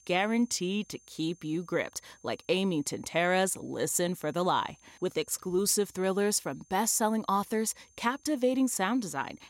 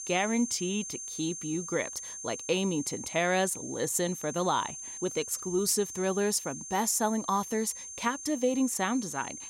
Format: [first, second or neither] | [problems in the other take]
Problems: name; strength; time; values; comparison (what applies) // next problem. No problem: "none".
first | high-pitched whine; loud; throughout; 6.5 kHz, 8 dB below the speech; faint in the first